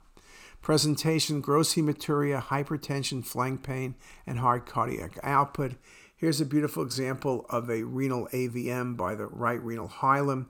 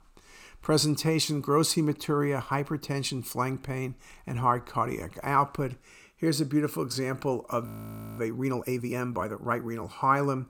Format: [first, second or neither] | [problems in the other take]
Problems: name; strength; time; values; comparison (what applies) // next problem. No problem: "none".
first | audio freezing; at 7.5 s for 0.5 s